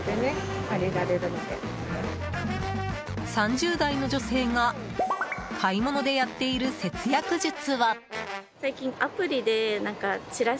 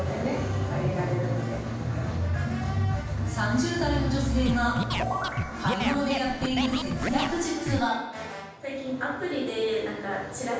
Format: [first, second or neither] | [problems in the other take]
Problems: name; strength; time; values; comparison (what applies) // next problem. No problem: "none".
first | background sound (Scratching (performance technique)); 5 dB below the speech // room echo; dies away in 1.2 s